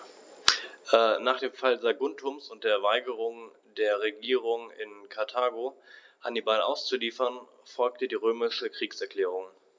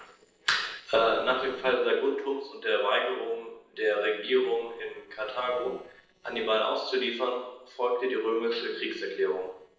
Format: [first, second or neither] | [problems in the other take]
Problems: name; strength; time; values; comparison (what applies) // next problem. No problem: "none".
first | noise reduction (neural separator model SepFormer DNS4)